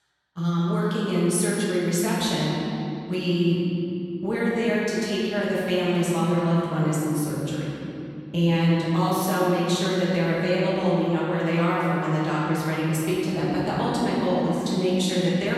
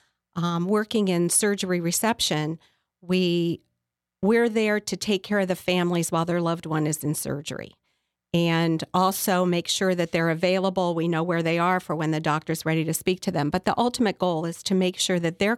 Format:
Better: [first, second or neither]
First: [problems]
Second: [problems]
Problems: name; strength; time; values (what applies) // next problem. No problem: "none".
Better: second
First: off-mic speech; far // room echo; strong; dies away in 3 s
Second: none